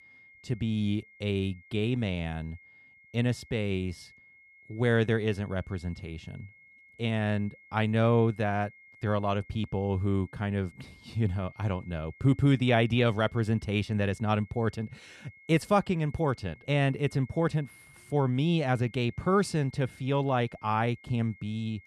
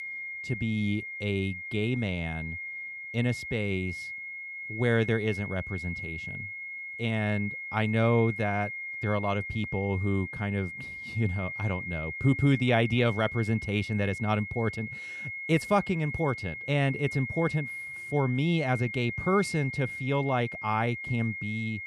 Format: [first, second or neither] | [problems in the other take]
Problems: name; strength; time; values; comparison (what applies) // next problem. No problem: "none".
first | high-pitched whine; loud; throughout; 2 kHz, 7 dB below the speech; faint in the first